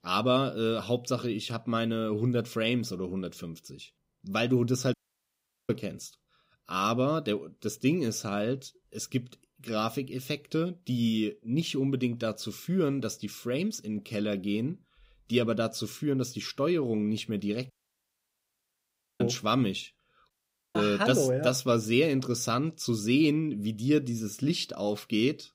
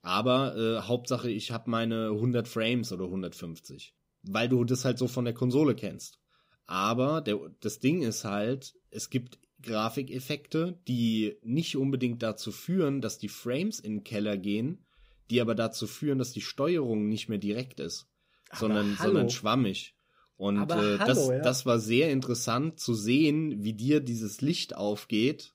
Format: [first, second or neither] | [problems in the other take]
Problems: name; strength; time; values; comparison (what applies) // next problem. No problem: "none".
second | audio cutting out; at 5 s for 1 s, at 18 s for 1.5 s and at 20 s